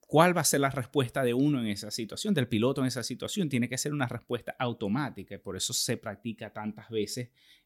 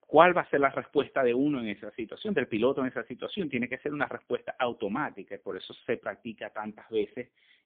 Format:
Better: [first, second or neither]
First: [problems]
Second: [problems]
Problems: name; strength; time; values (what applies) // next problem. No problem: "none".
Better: first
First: none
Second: phone-call audio; poor line